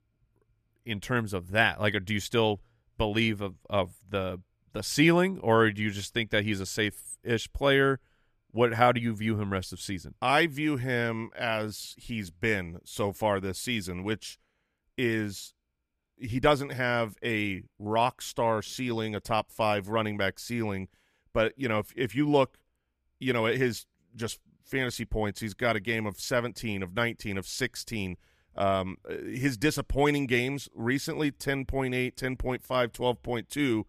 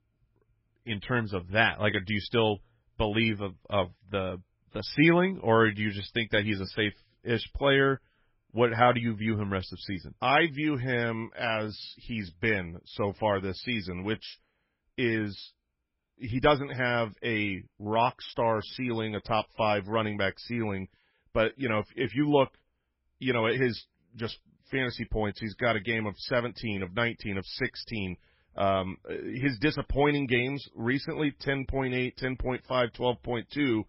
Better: first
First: none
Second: garbled, watery; badly; nothing above 5.5 kHz

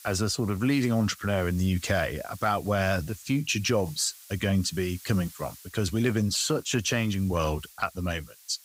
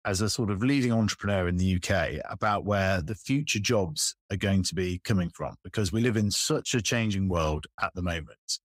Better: second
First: hiss; noticeable; throughout; 20 dB below the speech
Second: none

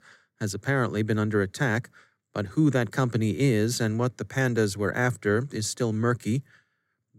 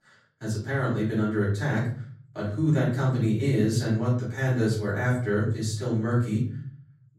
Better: first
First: none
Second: off-mic speech; far // room echo; noticeable; dies away in 0.7 s

